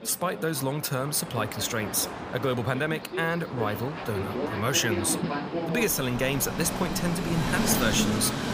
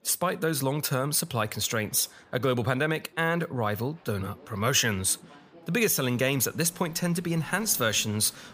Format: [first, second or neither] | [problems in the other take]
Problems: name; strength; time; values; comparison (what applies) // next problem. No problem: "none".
second | train or aircraft noise; loud; throughout; 4 dB below the speech; faint in the second